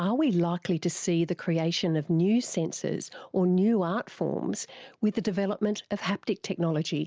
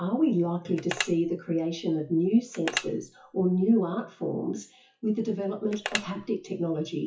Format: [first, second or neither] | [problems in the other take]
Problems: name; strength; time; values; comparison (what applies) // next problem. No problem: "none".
first | noise reduction (classical method WPE with log-MMSE)